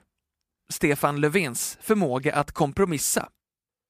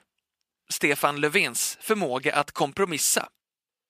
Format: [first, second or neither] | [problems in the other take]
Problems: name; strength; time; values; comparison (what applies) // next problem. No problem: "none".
first | thin; very slightly; fading below 850 Hz